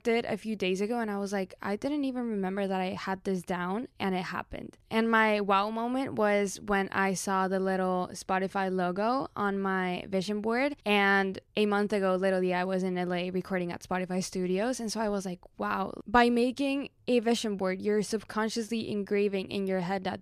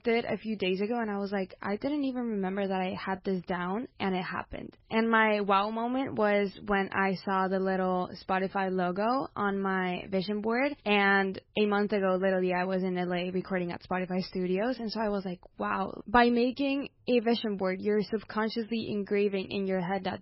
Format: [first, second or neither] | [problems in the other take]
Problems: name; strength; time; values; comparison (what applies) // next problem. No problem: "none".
first | garbled, watery; badly; nothing above 5.5 kHz